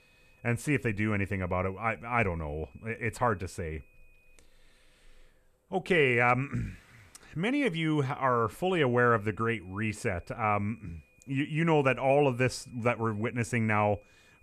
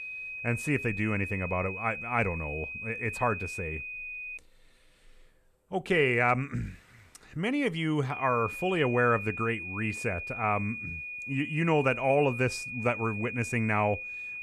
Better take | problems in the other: first | high-pitched whine; loud; until 4.5 s and from 8 s on; 2.5 kHz, 7 dB below the speech; faint in the first

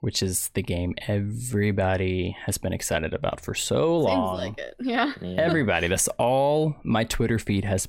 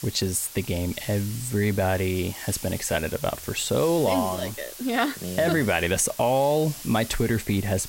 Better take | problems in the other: first | hiss; noticeable; throughout; 10 dB below the speech

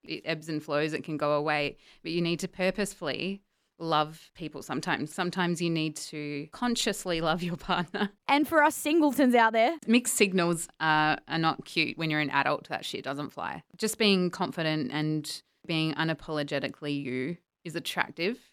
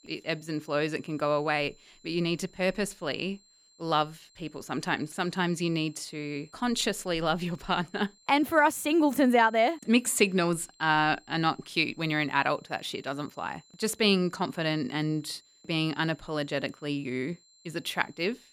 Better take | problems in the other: first | high-pitched whine; faint; throughout; 4 kHz, 30 dB below the speech

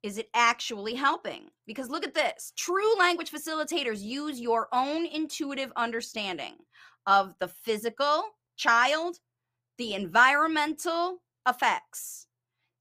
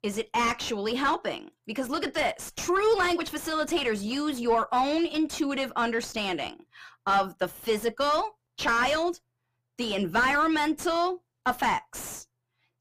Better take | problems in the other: first | distortion; heavy; 6 dB below the speech

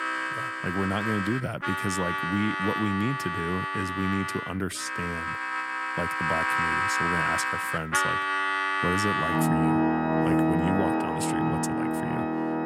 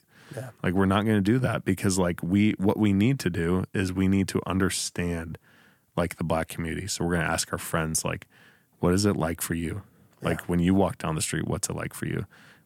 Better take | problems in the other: second | background music; very loud; throughout; 4 dB above the speech

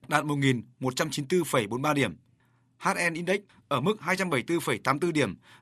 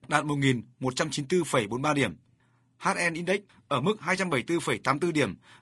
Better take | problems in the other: first | garbled, watery; slightly; nothing above 10.5 kHz

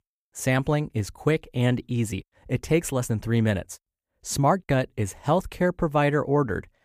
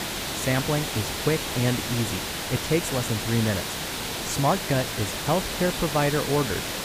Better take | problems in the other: first | hiss; loud; throughout; 2 dB below the speech

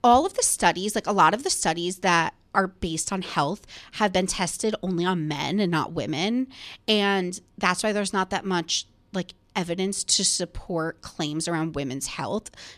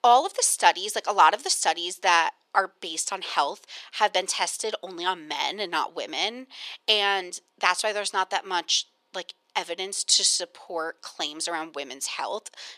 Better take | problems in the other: first | thin; very; fading below 450 Hz

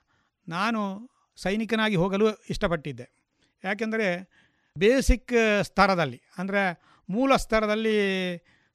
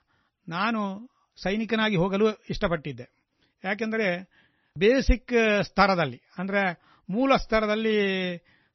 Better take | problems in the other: first | garbled, watery; slightly; nothing above 6 kHz

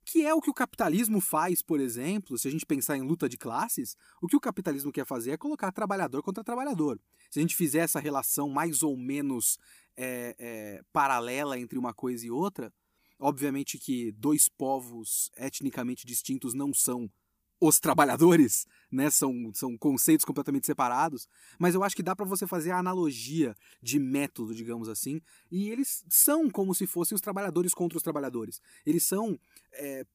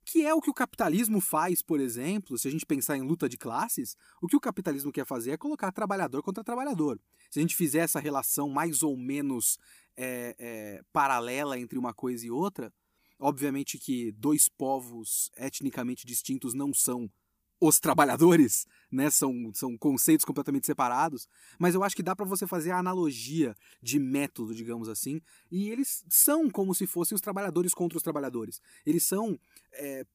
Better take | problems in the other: neither | none

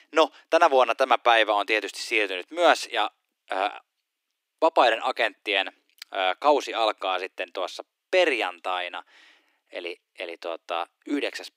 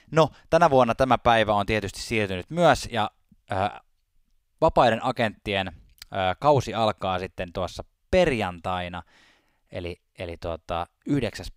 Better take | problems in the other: second | thin; somewhat; fading below 300 Hz

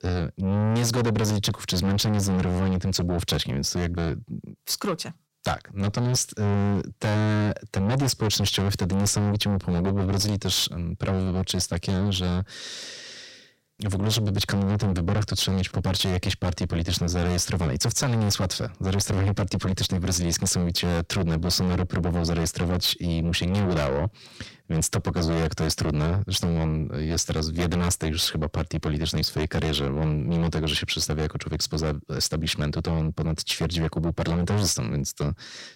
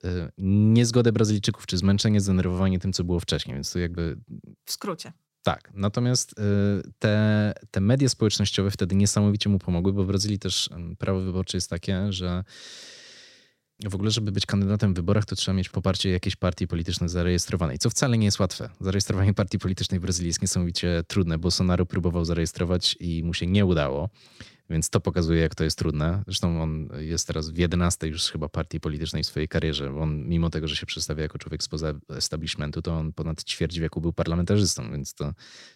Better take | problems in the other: second | distortion; heavy; 6 dB below the speech

